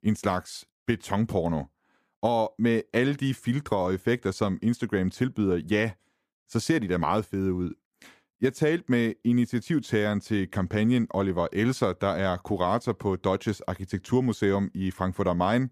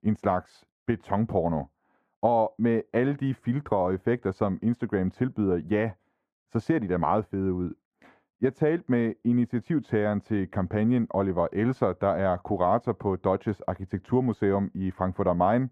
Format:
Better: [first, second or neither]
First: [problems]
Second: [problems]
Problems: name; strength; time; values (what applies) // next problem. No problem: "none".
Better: first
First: none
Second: muffled; very; fading above 3 kHz